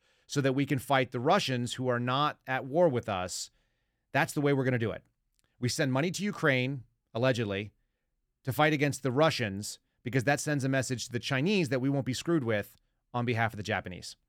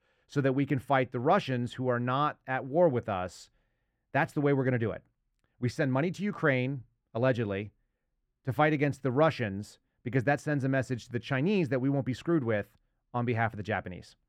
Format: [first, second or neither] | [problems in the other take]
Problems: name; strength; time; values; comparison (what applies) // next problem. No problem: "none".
first | muffled; slightly; fading above 3 kHz